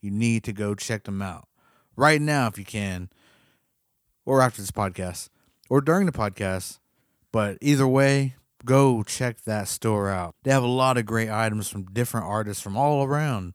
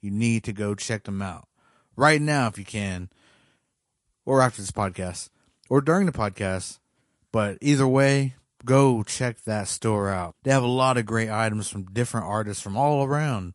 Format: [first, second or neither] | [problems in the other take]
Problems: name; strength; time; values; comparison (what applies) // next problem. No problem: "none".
first | garbled, watery; slightly; nothing above 11 kHz